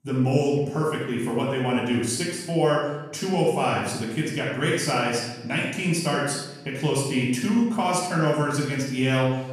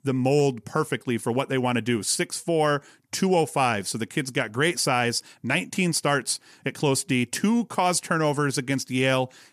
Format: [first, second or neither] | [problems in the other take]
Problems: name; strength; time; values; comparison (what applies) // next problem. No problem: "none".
second | off-mic speech; far // room echo; noticeable; dies away in 0.8 s